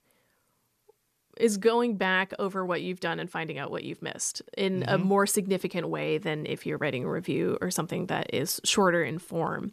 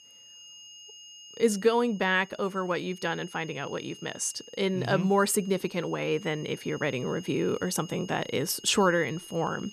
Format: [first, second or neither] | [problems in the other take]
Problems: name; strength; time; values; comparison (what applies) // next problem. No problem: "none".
first | high-pitched whine; noticeable; throughout; 3 kHz, 20 dB below the speech